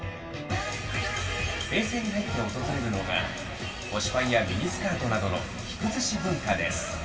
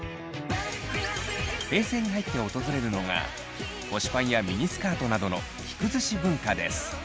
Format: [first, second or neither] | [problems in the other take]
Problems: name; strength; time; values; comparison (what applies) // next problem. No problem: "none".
second | background sound (Subway, metro, underground); 17 dB below the speech // room echo; dies away in 2.4 s